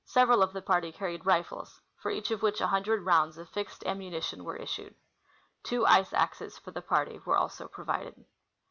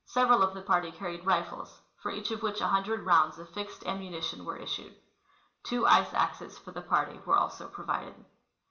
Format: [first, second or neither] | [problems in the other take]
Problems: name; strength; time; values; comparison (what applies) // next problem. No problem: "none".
first | room echo; dies away in 0.4 s